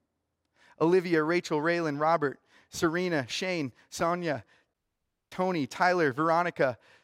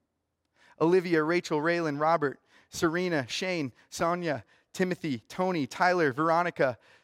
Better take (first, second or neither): second